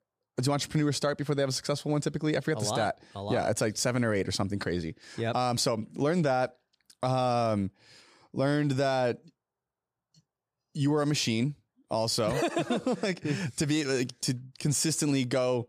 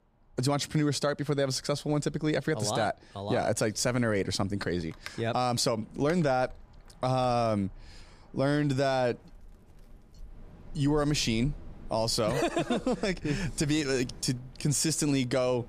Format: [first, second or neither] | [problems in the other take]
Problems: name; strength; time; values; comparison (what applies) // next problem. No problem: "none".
first | wind in the background; faint; throughout; 20 dB below the speech